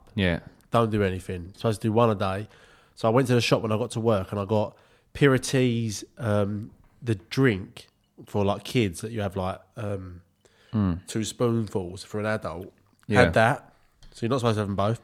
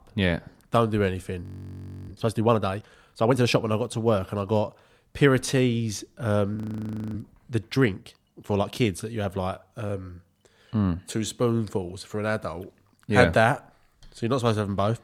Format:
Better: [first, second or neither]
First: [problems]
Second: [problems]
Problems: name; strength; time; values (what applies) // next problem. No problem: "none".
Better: first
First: none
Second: audio freezing; at 1.5 s for 0.5 s and at 6.5 s for 0.5 s